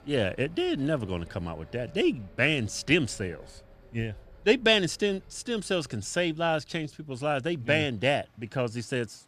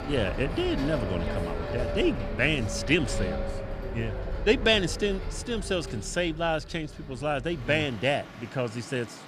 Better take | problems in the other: first | traffic noise; loud; throughout; 7 dB below the speech; faint in the first

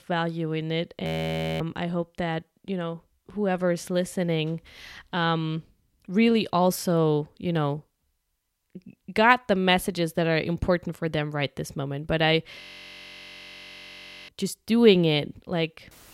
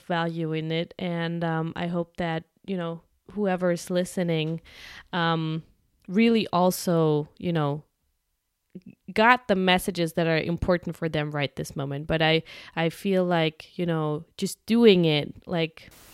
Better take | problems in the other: second | audio freezing; at 1 s for 0.5 s and at 13 s for 1.5 s

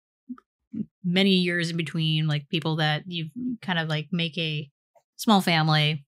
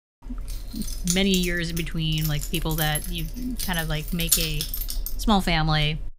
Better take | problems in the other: first | jangling keys; loud; peak 4 dB above the speech

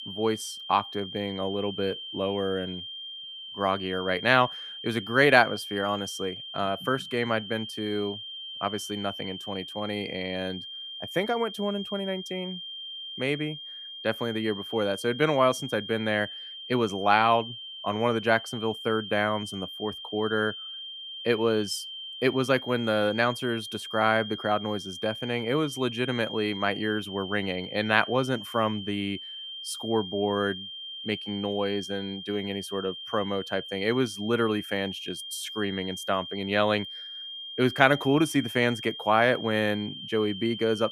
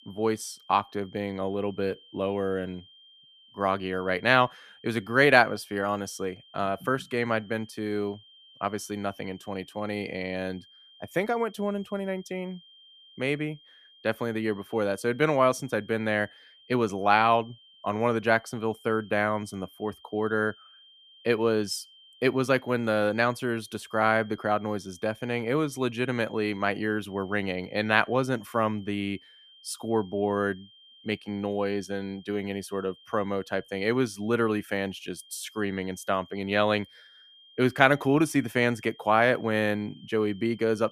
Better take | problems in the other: second | high-pitched whine; loud; throughout; 3 kHz, 9 dB below the speech; faint in the second

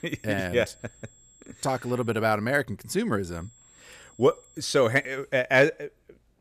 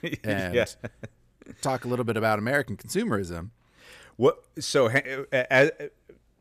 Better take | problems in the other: second | high-pitched whine; faint; until 2 s and from 3 to 5 s; 7.5 kHz, 30 dB below the speech

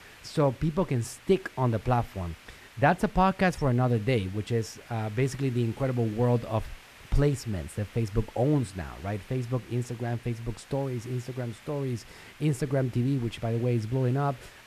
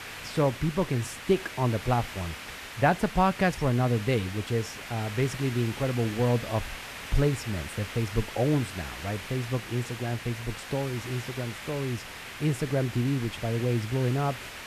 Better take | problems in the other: first | hiss; loud; throughout; 10 dB below the speech; faint in the first

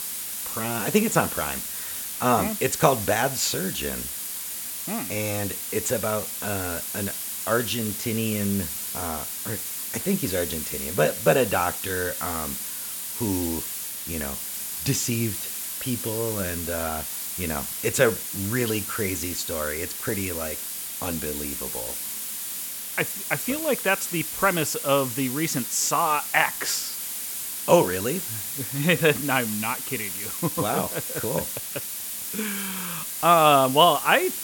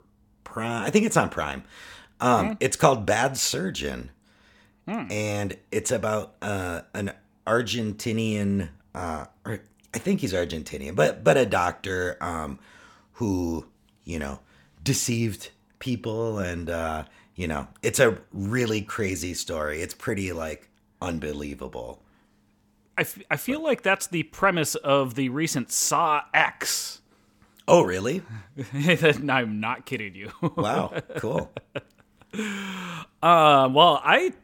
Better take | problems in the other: second | hiss; loud; throughout; 4 dB below the speech

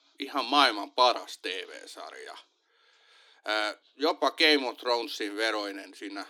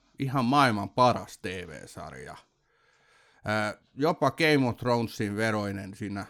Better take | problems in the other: second | thin; somewhat; fading below 300 Hz

